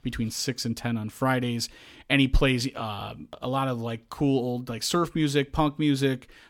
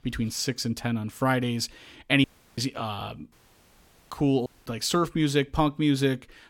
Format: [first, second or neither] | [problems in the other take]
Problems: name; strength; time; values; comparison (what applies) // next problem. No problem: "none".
first | audio cutting out; at 2 s, at 3.5 s for 1 s and at 4.5 s